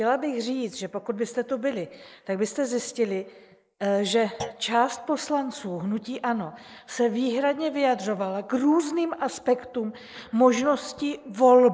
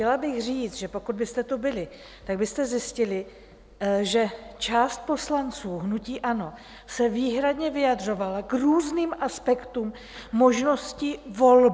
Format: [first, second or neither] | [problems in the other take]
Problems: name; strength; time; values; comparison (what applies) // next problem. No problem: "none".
second | noise reduction (neural mask model Resemble Enhance denoiser)